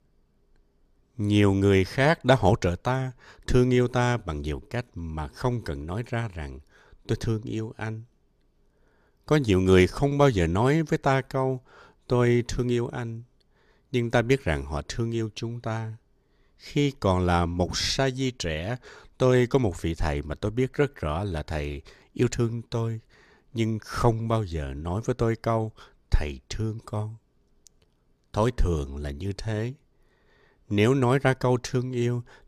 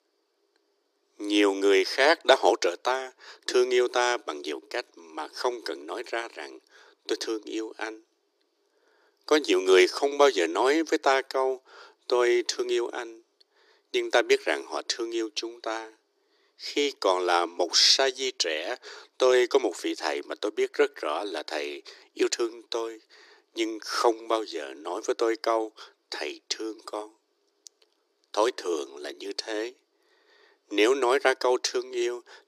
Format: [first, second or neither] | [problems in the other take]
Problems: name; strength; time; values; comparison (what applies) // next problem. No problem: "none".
first | thin; very; fading below 300 Hz